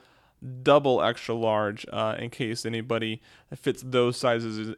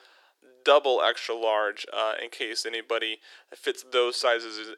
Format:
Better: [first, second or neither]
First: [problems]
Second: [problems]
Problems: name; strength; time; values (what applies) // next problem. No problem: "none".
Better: first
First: none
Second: thin; very; fading below 350 Hz